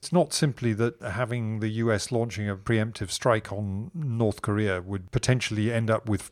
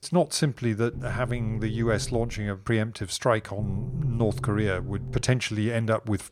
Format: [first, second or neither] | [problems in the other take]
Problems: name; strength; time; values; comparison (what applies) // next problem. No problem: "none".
first | low rumble; noticeable; from 1 to 2.5 s and from 3.5 to 5 s; 15 dB below the speech